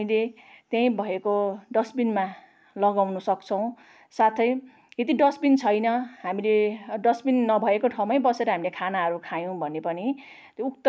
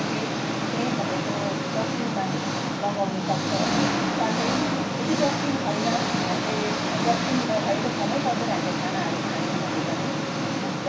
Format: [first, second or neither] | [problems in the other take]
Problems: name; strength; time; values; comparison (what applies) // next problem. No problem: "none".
first | background sound (Engine); 4 dB above the speech // room echo; dies away in 0.2 s